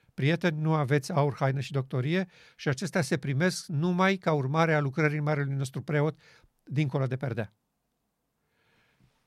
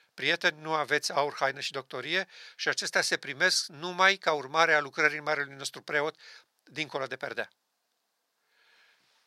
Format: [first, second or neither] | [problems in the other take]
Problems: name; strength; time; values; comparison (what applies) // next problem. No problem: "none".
first | thin; very; fading below 550 Hz